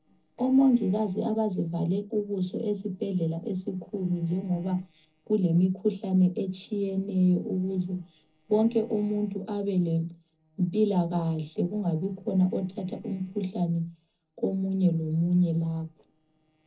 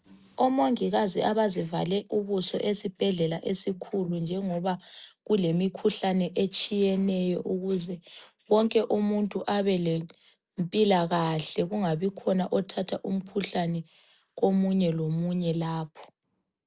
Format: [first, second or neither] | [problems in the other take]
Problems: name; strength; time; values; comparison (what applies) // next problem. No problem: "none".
second | noise reduction (neural separator model SepFormer DNS4)